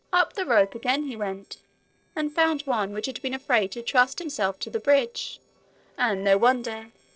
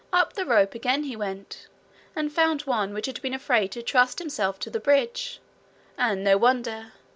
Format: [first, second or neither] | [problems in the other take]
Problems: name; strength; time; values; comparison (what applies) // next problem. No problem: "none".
second | noise reduction (neural separator model SepFormer DNS4)